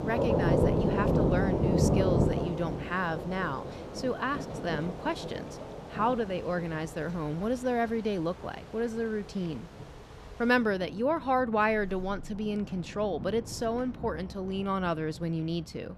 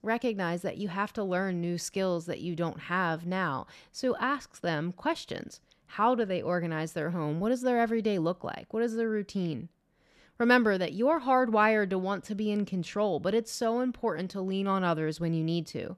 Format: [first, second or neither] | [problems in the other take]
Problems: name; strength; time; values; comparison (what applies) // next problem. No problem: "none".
second | rain or running water; very loud; throughout; as loud as the speech